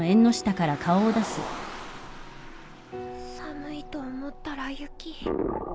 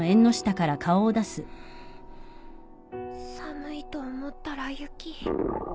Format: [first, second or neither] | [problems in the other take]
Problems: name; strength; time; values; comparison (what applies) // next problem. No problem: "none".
second | background sound (Car); 14 dB below the speech